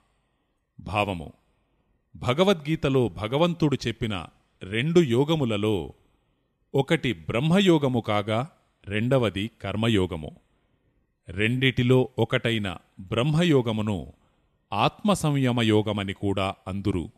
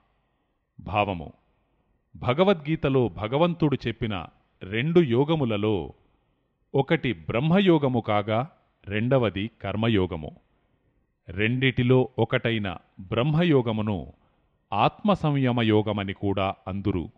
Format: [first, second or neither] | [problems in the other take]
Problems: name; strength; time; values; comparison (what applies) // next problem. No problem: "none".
first | muffled; slightly; fading above 3 kHz